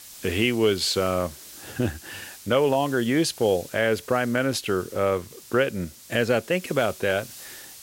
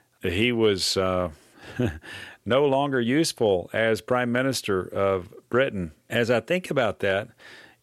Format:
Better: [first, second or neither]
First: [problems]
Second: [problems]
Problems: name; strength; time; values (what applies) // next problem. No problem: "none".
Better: second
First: hiss; noticeable; throughout; 15 dB below the speech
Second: none